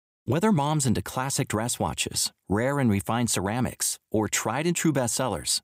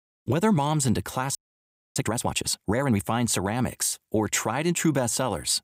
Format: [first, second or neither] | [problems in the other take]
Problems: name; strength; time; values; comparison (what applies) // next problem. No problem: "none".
first | audio freezing; at 1.5 s for 0.5 s